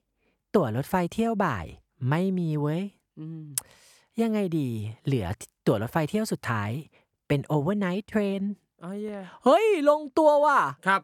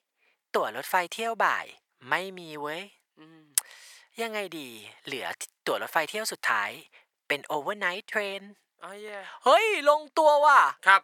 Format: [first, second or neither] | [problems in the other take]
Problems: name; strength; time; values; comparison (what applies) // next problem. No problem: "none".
first | thin; very; fading below 800 Hz